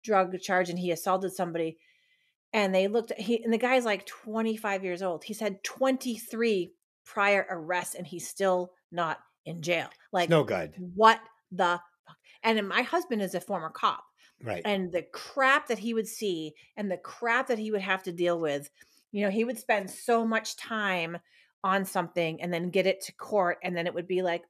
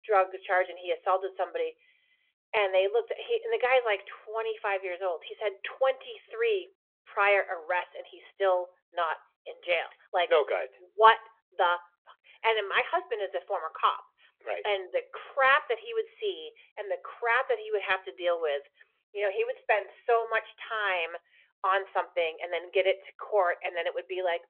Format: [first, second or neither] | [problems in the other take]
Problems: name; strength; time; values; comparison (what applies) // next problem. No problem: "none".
first | phone-call audio